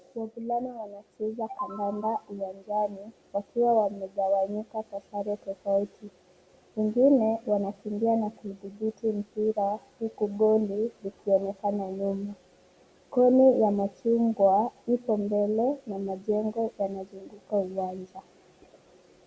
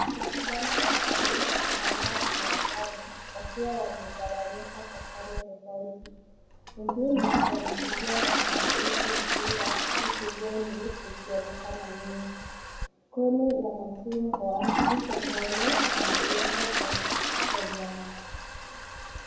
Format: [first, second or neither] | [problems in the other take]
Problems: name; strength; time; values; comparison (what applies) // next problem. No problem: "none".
first | background sound (Toilet flush); 4 dB above the speech // room echo; dies away in 1.1 s